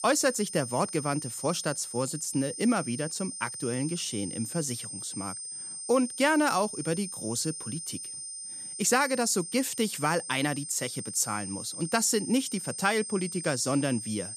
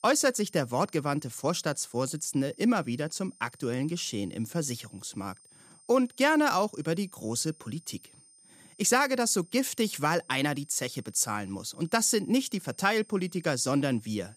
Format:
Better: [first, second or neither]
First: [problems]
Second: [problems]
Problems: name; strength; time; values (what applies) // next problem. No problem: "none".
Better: second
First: high-pitched whine; loud; throughout; 8.5 kHz, 7 dB below the speech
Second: high-pitched whine; faint; throughout; 8.5 kHz, 25 dB below the speech